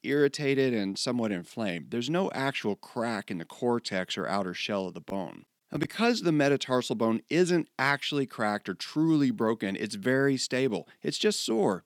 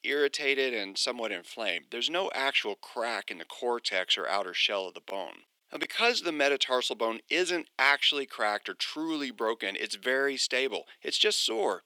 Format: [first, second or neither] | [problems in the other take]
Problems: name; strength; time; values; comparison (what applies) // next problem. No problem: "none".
first | thin; somewhat; fading below 450 Hz